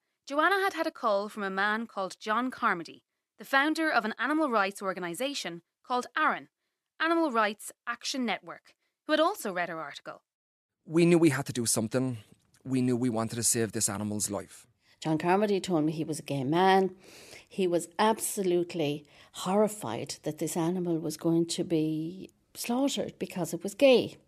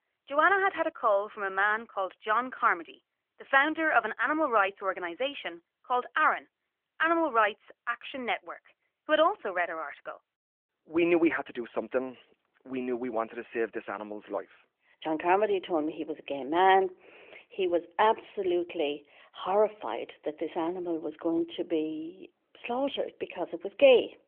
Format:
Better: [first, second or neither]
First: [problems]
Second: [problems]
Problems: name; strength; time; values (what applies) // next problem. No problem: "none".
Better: first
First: none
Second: phone-call audio; nothing above 3.5 kHz